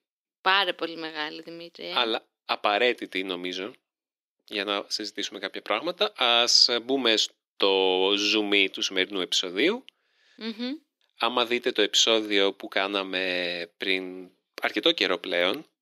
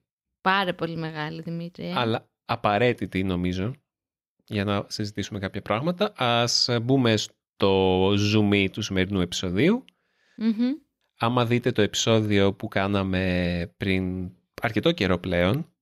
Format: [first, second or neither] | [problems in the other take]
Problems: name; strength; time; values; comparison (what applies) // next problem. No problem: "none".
second | thin; somewhat; fading below 300 Hz